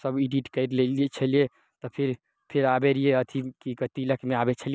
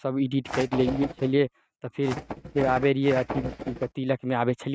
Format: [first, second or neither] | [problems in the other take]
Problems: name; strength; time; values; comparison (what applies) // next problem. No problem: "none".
first | noise reduction (neural mask model RNNoise)